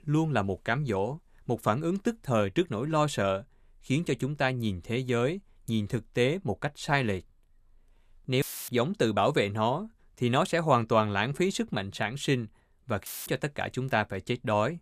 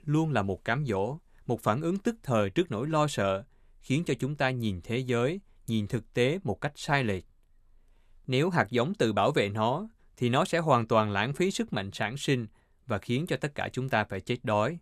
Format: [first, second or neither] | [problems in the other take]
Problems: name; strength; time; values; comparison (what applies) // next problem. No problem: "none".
second | audio cutting out; filled with static; at 8.5 s and at 13 s